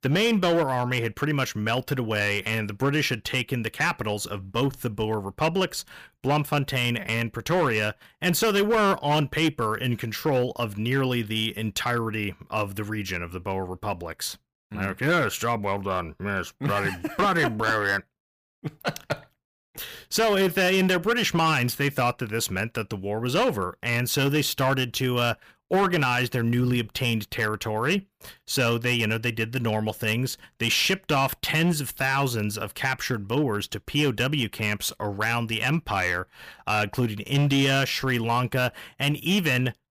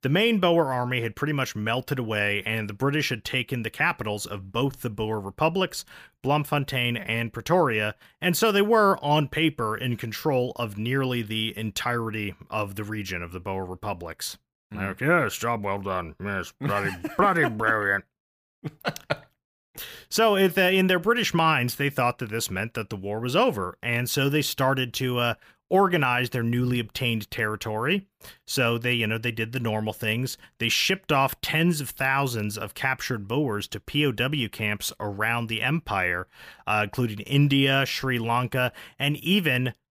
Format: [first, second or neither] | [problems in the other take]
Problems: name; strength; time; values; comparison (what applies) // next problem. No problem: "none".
second | distortion; slight; 6% of the sound clipped